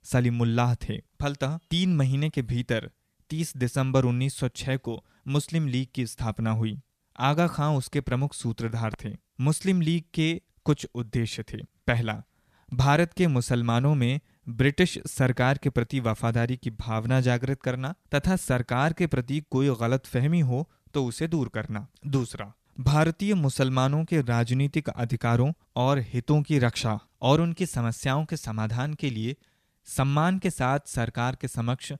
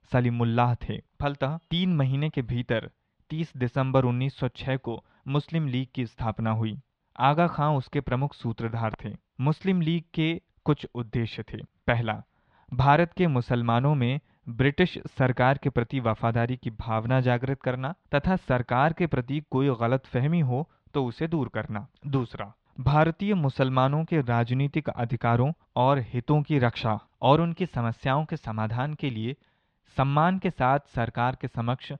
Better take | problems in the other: first | muffled; very; fading above 3.5 kHz

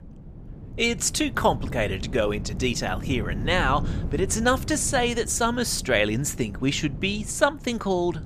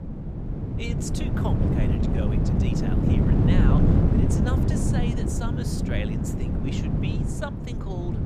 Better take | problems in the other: first | wind noise on the microphone; heavy; 4 dB above the speech; occasional gusts in the first

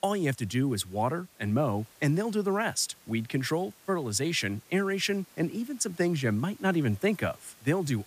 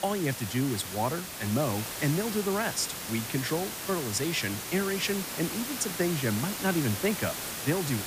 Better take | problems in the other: first | hiss; loud; throughout; 4 dB below the speech; faint in the first

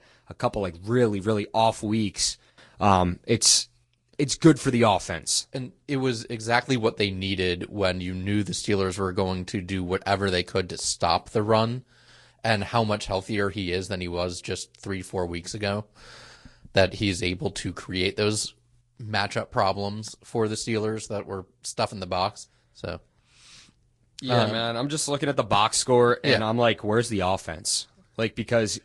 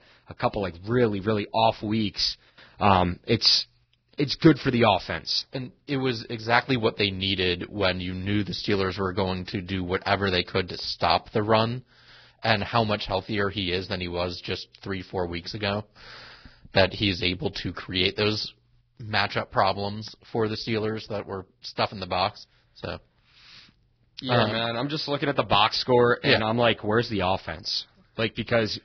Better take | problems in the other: first | garbled, watery; badly; nothing above 5.5 kHz; slightly in the first

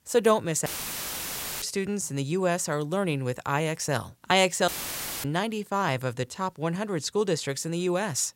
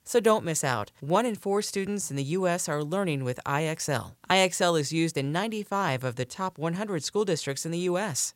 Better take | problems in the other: second | audio cutting out; filled with static; at 0.5 s for 1 s and at 4.5 s for 0.5 s

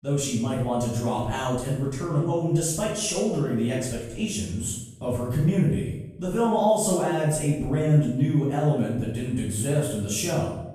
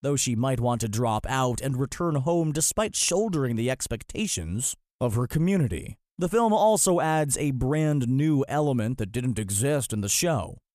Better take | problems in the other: second | room echo; noticeable; dies away in 0.7 s // off-mic speech; far

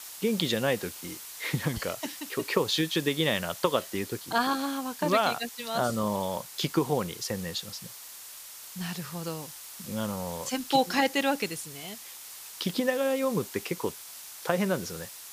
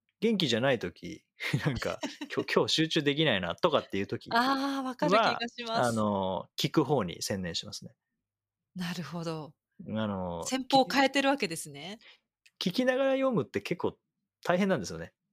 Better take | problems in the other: second | hiss; noticeable; throughout; 10 dB below the speech

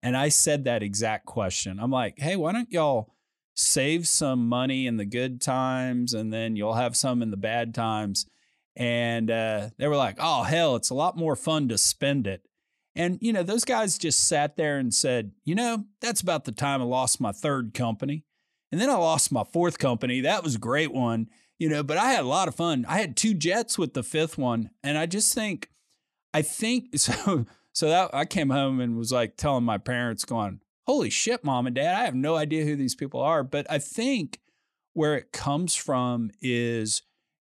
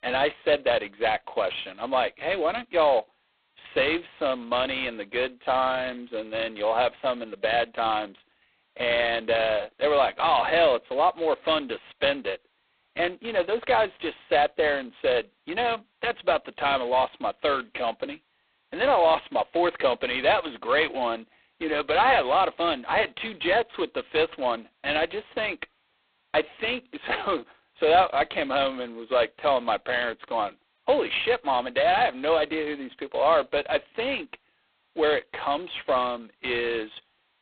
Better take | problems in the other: first | phone-call audio; poor line; nothing above 4 kHz

